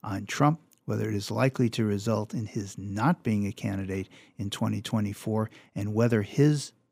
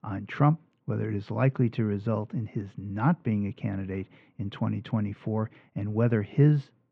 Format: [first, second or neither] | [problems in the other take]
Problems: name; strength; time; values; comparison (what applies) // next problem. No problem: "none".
first | muffled; very; fading above 2.5 kHz